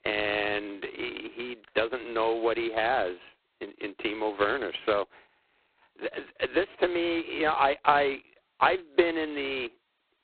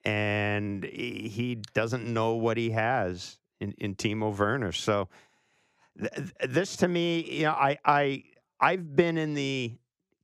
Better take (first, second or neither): second